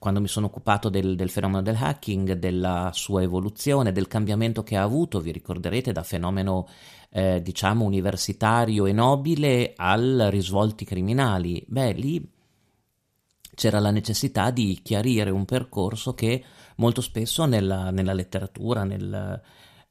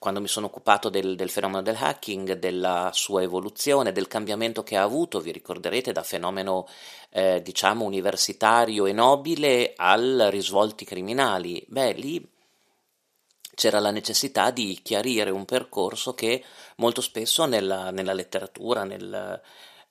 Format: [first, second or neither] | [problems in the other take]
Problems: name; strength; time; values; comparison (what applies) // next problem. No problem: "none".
first | thin; somewhat; fading below 450 Hz